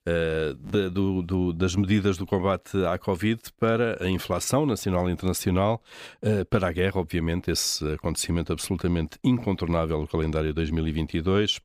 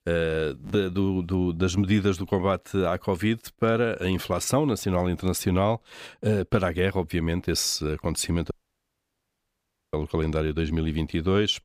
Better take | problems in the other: first | audio cutting out; at 8.5 s for 1.5 s

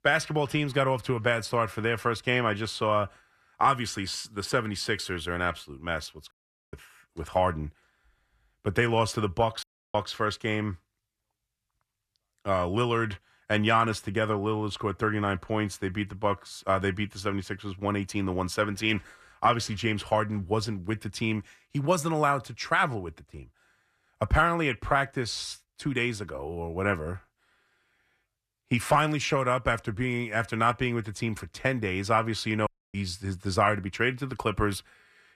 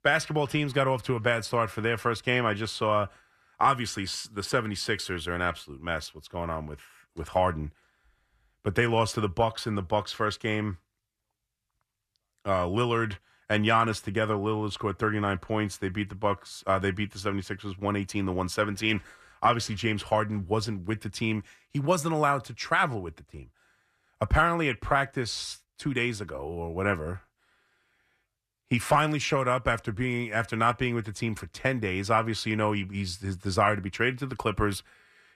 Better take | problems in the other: second | audio cutting out; at 6.5 s, at 9.5 s and at 33 s

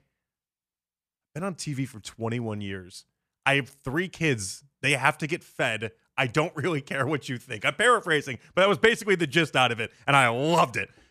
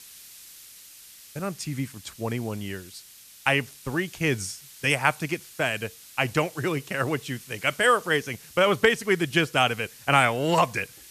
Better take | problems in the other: first | hiss; noticeable; throughout; 20 dB below the speech

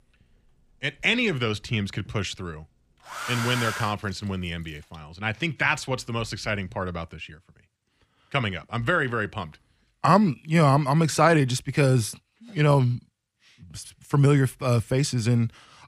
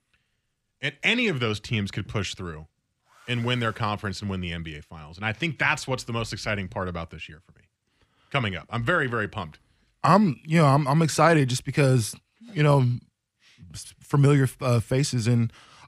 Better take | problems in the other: second | household noises; loud; until 5 s; 7 dB below the speech; faint in the second

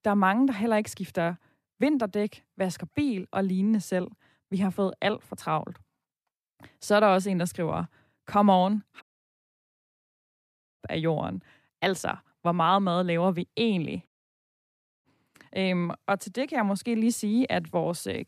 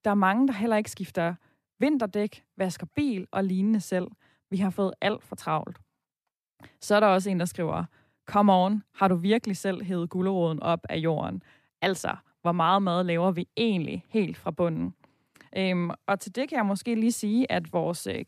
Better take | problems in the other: second | audio cutting out; at 9 s for 2 s and at 14 s for 1 s

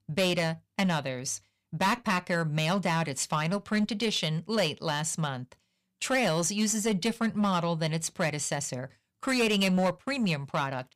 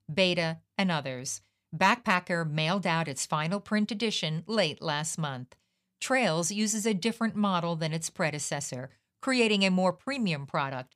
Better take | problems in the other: second | distortion; slight; 7% of the sound clipped

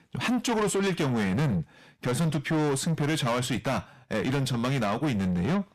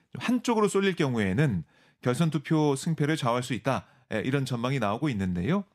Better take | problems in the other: second | distortion; heavy; 7 dB below the speech

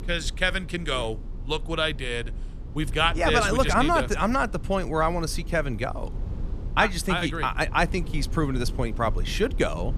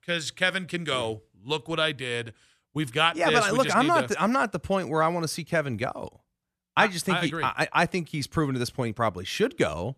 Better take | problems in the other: second | low rumble; faint; throughout; 20 dB below the speech

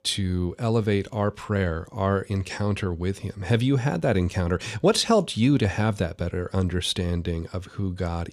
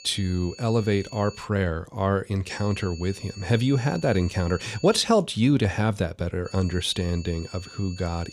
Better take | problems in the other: first | high-pitched whine; noticeable; until 1.5 s, from 2.5 to 5 s and from 6.5 s on; 4.5 kHz, 20 dB below the speech

